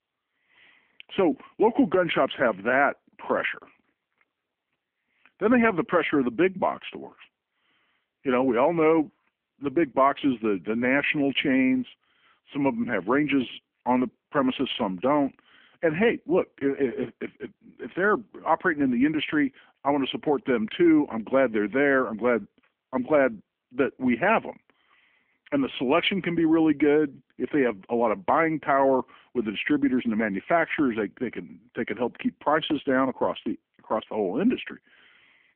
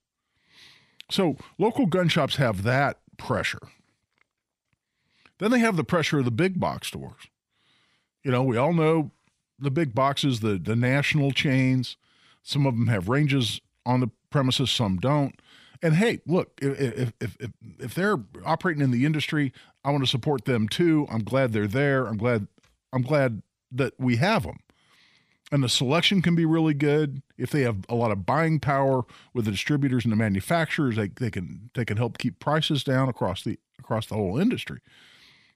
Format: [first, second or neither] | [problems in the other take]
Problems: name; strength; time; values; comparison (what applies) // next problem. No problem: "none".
second | phone-call audio; poor line; nothing above 3.5 kHz